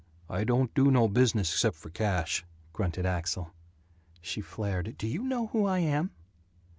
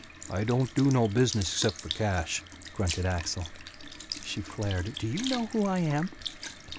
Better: first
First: none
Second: background sound (Sink (filling or washing) / Liquid); 11 dB below the speech

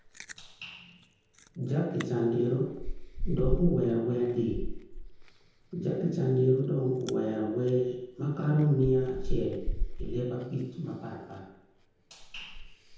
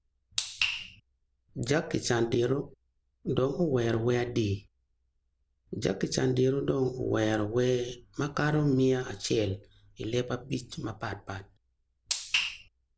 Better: second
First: background sound (Chewing, mastication); 6 dB below the speech // room echo; dies away in 0.9 s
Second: none

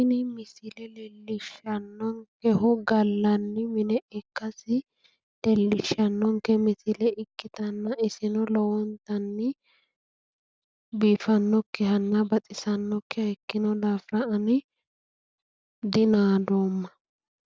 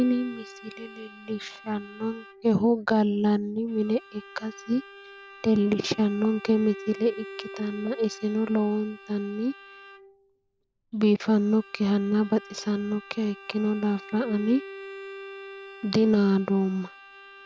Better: first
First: none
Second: background sound (Bowed string instrument); 18 dB below the speech

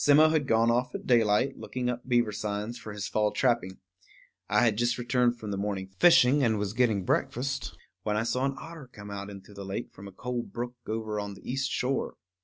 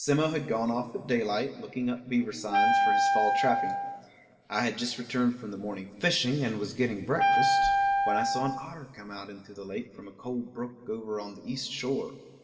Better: first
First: none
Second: background sound (Wind instrument, woodwind instrument); 5 dB above the speech // room echo; dies away in 2.1 s

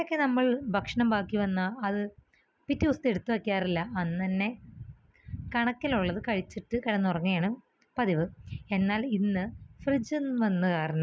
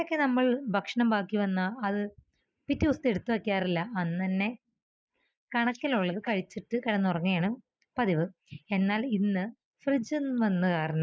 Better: first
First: none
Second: noise reduction (neural mask model Resemble Enhance denoiser)

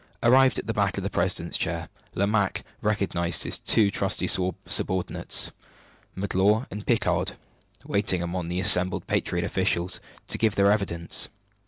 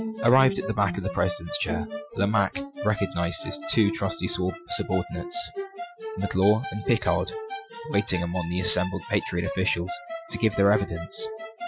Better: first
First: none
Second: noise reduction (classical method Wiener filter)

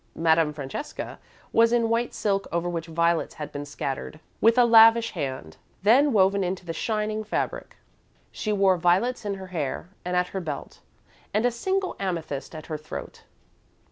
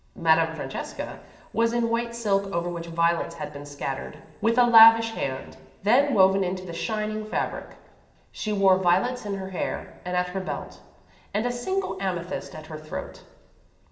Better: first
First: none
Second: room echo; dies away in 1.7 s

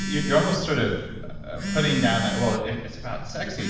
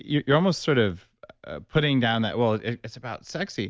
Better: second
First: background sound (Telephone); 5 dB below the speech // room echo; dies away in 1 s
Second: none

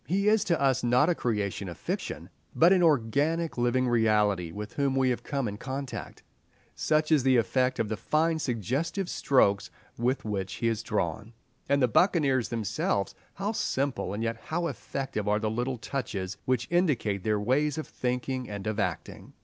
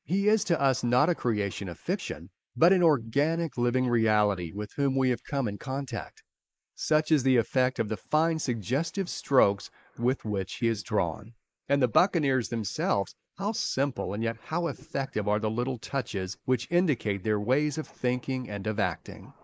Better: first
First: none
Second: noise reduction (neural mask model Resemble Enhance denoiser)

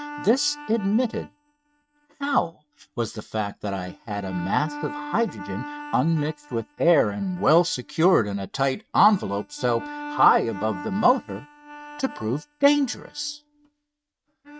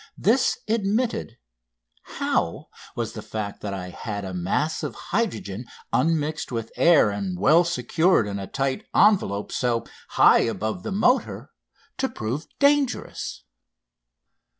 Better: second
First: noise reduction (neural mask model RNNoise)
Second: none

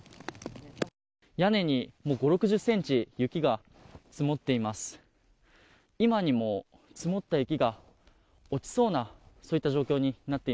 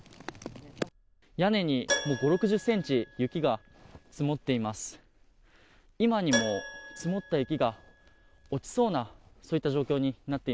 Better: first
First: none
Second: background sound (Keyboard (musical)); 11 dB below the speech

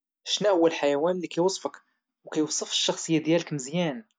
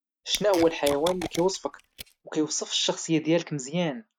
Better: first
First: none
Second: noise reduction (neural mask model RNNoise)

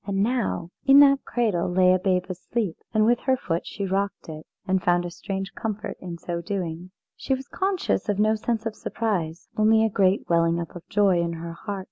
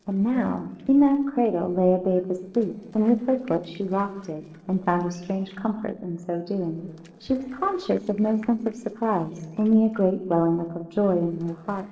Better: first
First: none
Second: noise reduction (neural separator model SepFormer DNS4)

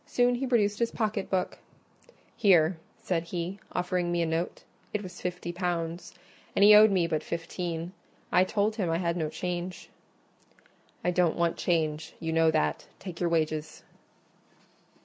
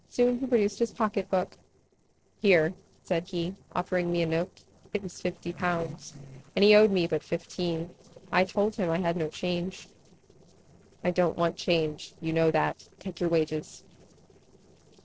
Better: first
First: none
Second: noise reduction (neural separator model SepFormer DNS4)

